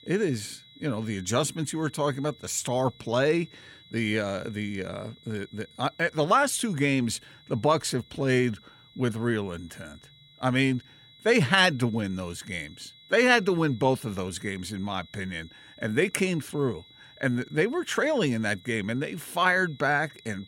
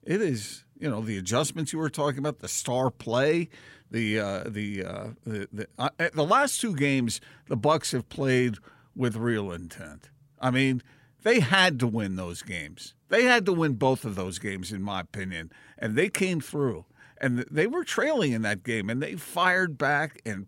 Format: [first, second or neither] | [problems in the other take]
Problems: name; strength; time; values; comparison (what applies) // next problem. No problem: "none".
second | high-pitched whine; faint; throughout; 4 kHz, 25 dB below the speech